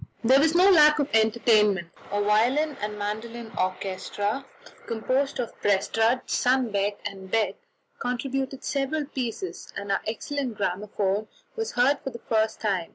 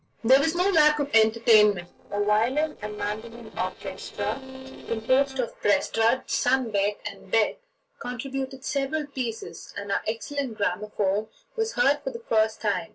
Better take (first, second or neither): first